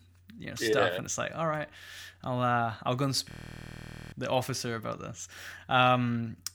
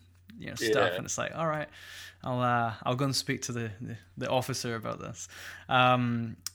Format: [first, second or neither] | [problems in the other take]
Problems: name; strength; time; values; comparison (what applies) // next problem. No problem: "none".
second | audio freezing; at 3.5 s for 1 s